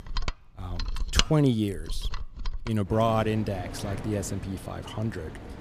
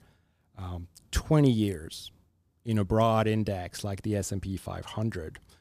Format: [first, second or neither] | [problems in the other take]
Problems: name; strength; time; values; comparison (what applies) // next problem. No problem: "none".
second | machinery noise; loud; throughout; 7 dB below the speech